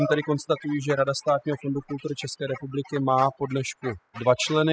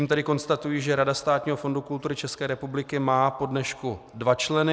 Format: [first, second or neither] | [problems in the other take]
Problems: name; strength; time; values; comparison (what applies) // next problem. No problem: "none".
second | noise reduction (classical method spectral subtraction)